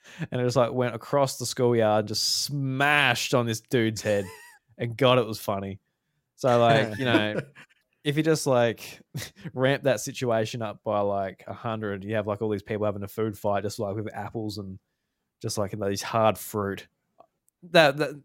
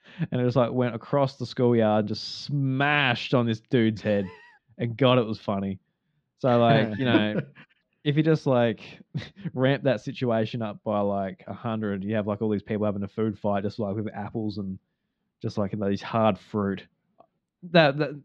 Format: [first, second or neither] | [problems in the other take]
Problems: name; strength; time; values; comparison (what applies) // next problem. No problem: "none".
first | muffled; slightly; fading above 4 kHz